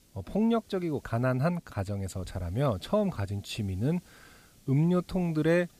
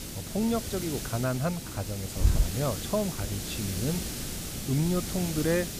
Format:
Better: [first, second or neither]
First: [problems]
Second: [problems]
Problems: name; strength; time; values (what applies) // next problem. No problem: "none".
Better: first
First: hiss; faint; throughout; 25 dB below the speech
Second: hiss; loud; throughout; 2 dB below the speech